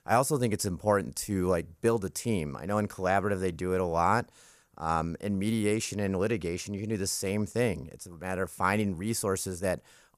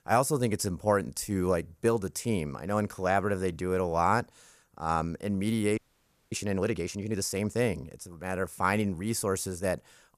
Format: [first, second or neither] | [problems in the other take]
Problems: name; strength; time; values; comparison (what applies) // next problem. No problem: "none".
first | audio freezing; at 6 s for 0.5 s